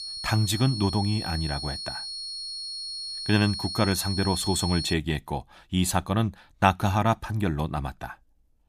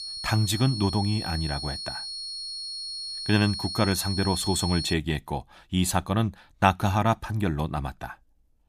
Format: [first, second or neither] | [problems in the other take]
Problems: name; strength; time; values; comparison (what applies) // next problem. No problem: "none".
neither | high-pitched whine; loud; until 5 s; 4.5 kHz, 6 dB below the speech; the same in both